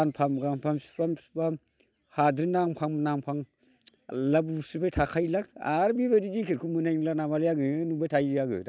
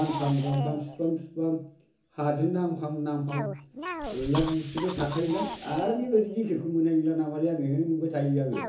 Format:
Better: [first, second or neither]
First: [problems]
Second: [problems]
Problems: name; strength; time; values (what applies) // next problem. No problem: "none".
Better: first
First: none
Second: background sound (Cough); 12 dB below the speech // room echo; dies away in 0.7 s